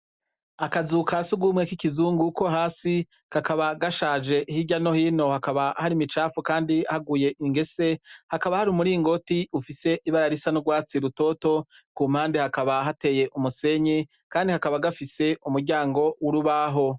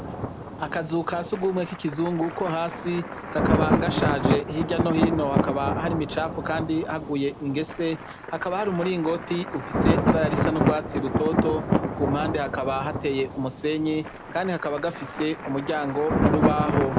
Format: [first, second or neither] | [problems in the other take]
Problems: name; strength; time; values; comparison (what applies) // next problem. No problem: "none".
first | background sound (Thunder); as loud as the speech